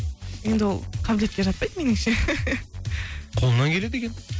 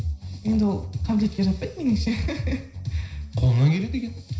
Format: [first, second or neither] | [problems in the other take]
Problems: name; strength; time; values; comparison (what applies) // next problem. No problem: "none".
first | room echo; dies away in 0.5 s